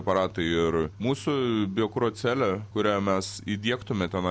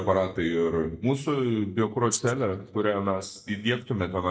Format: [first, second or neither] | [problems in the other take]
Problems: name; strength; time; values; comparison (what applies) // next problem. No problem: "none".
first | noise reduction (neural mask model DeepFilterNet 3)